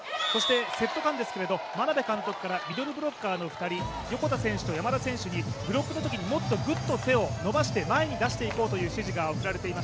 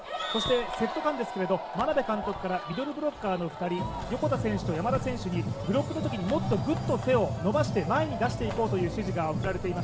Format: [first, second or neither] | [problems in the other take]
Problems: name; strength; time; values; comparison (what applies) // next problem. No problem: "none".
first | background sound (Walk, footsteps); 18 dB below the speech // room echo; dies away in 2 s